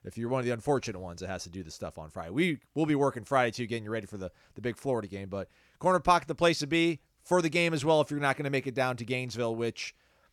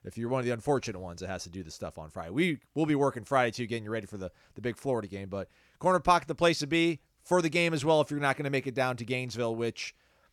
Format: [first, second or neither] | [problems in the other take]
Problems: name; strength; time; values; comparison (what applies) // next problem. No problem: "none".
neither | none